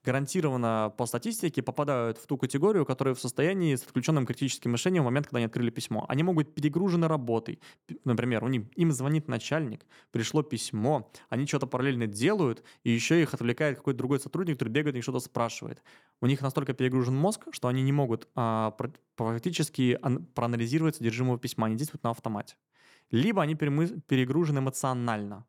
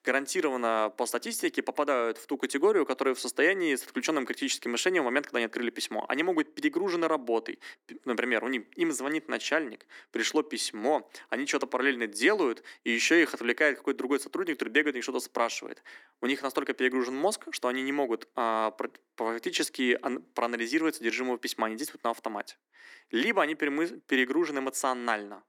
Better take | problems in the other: first | thin; somewhat; fading below 250 Hz

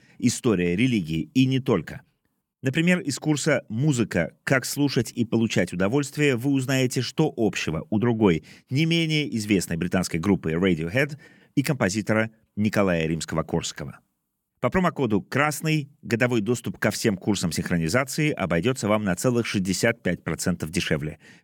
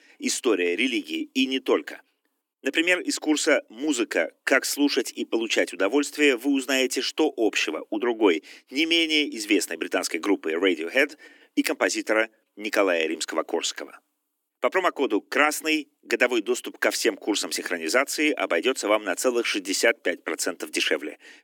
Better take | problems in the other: first | thin; somewhat; fading below 300 Hz

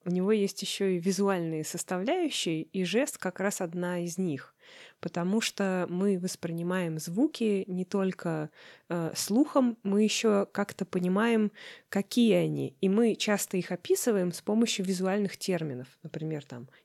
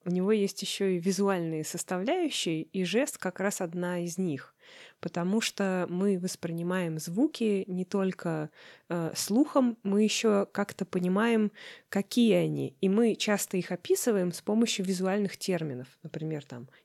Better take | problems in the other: neither | none

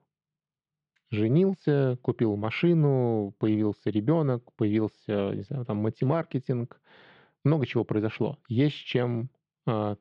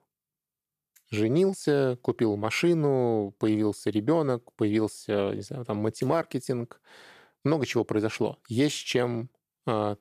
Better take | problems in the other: second | muffled; slightly; fading above 3.5 kHz

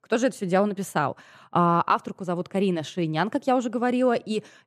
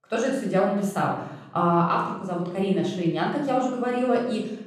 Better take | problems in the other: first | off-mic speech; far // room echo; noticeable; dies away in 0.7 s

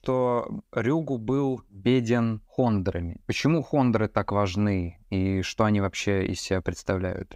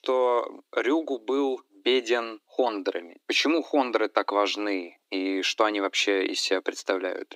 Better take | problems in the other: first | thin; somewhat; fading below 300 Hz

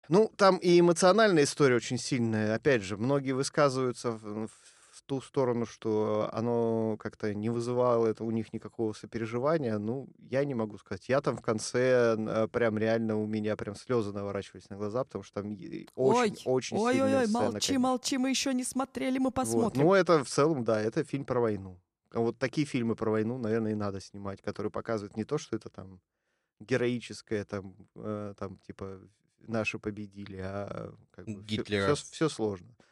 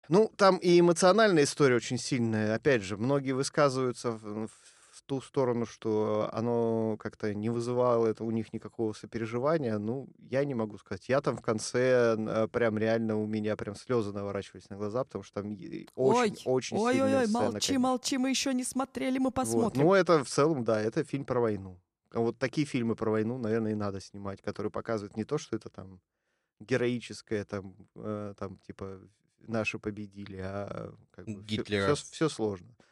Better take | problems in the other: neither | none

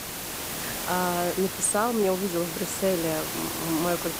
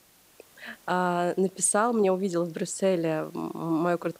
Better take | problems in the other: second | hiss; loud; throughout; 4 dB below the speech; faint in the second

